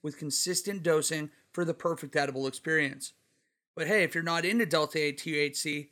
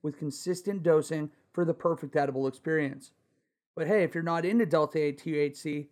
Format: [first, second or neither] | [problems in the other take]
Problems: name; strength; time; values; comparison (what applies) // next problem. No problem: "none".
first | muffled; slightly; fading above 1.5 kHz